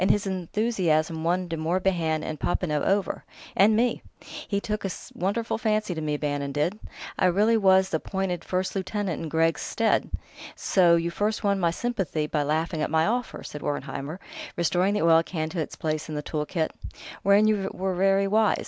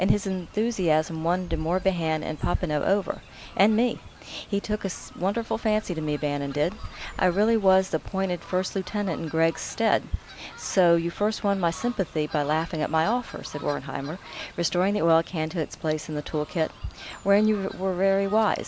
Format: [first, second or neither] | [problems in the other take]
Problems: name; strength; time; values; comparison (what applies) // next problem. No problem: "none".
first | background sound (Fowl); 18 dB below the speech